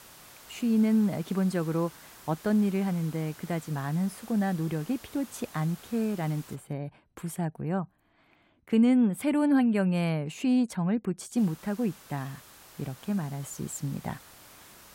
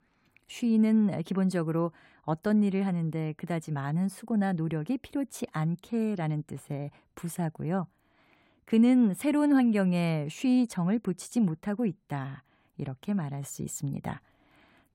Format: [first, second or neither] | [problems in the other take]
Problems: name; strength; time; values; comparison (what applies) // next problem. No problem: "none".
second | hiss; faint; until 6.5 s and from 11 s on; 20 dB below the speech